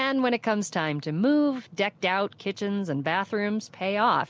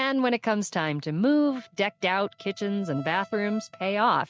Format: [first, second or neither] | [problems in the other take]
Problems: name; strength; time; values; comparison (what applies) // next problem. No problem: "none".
first | noise reduction (neural mask model RNNoise)